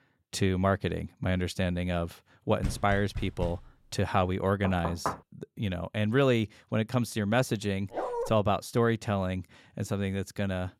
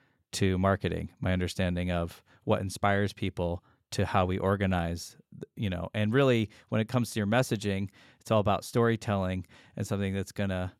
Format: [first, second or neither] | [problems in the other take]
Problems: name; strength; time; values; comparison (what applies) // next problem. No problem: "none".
second | door banging; noticeable; at 2.5 s and at 4.5 s; peak 4 dB below the speech // dog barking; noticeable; at 8 s; peak 4 dB below the speech